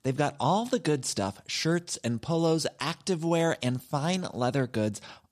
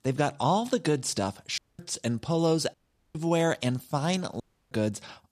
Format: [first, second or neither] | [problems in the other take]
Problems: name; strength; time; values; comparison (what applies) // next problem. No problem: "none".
first | audio cutting out; at 1.5 s, at 2.5 s and at 4.5 s